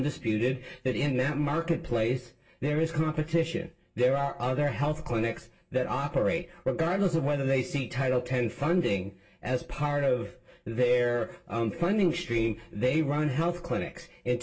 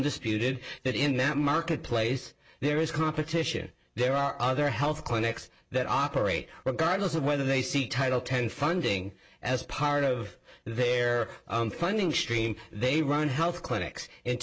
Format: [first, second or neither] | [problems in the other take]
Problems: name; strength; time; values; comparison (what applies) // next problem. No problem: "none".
second | room echo; dies away in 0.2 s